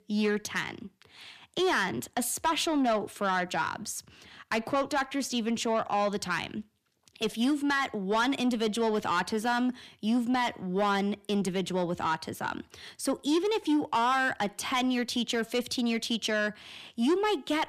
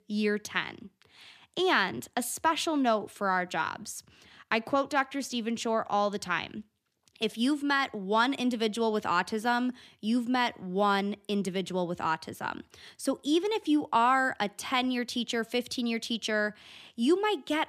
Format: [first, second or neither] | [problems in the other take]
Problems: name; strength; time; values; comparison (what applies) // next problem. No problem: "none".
second | distortion; slight; 10 dB below the speech